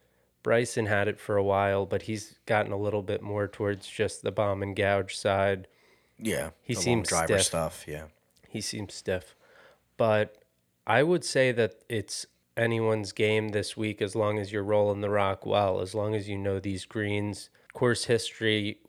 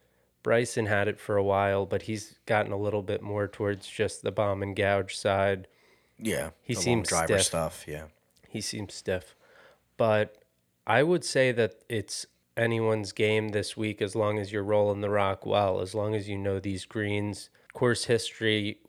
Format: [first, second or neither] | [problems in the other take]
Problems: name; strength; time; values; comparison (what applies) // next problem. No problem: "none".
neither | none